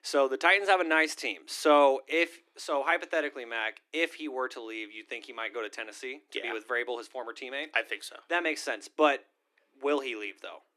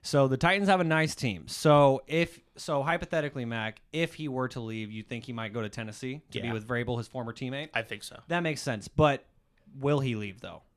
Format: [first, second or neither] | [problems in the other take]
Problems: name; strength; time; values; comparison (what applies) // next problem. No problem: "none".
second | thin; somewhat; fading below 300 Hz